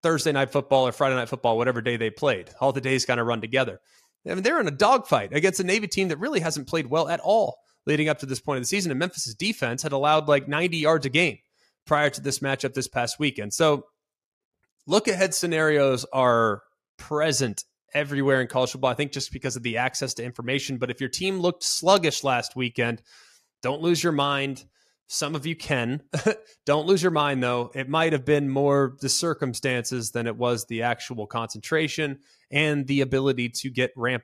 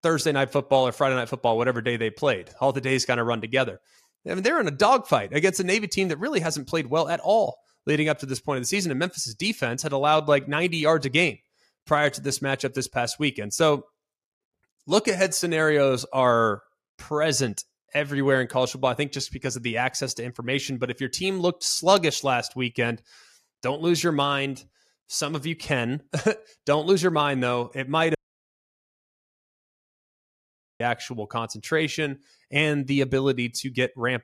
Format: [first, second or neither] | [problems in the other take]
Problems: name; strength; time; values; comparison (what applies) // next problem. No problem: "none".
first | audio cutting out; at 28 s for 2.5 s